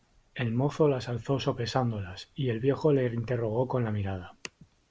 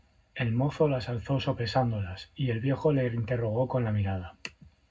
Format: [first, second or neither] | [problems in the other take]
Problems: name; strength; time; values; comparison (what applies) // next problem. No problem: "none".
first | room echo; dies away in 0.3 s